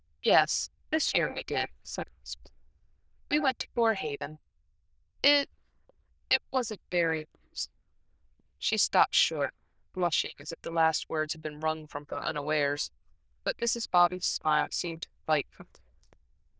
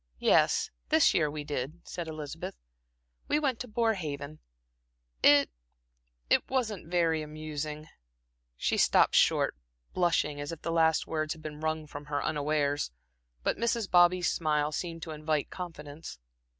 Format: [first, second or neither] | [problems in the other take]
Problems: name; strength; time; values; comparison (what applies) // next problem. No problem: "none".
second | noise reduction (neural diffusion model UNIVERSE++)